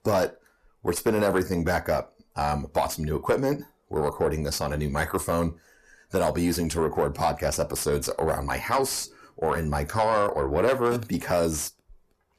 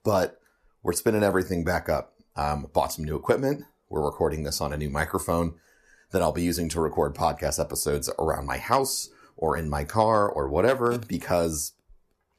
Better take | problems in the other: second | distortion; slight; 10 dB below the speech

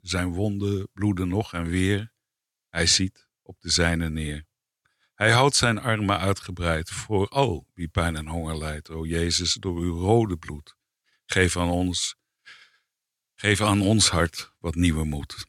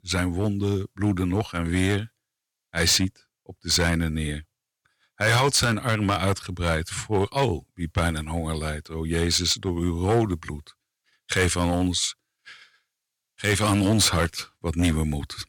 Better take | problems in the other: first | distortion; slight; 4% of the sound clipped

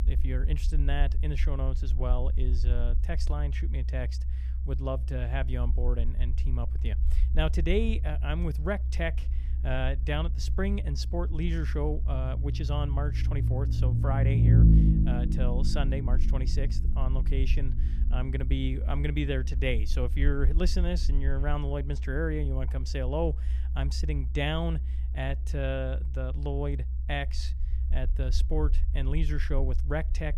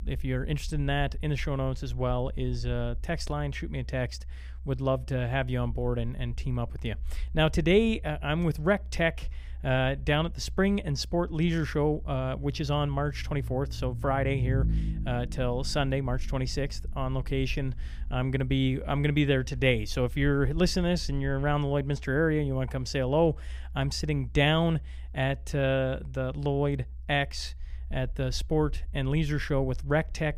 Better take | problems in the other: second | low rumble; loud; throughout; 9 dB below the speech; faint in the second

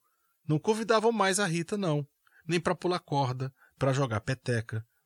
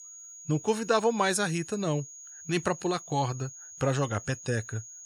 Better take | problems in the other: first | high-pitched whine; noticeable; throughout; 6.5 kHz, 15 dB below the speech

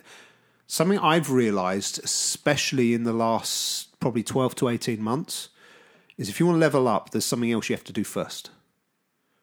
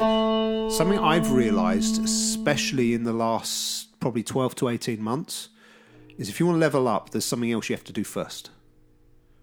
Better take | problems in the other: first | background music; loud; throughout; 1 dB below the speech

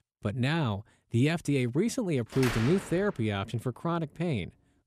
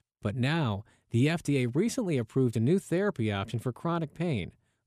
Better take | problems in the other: second | door banging; noticeable; at 2.5 s; peak 4 dB below the speech

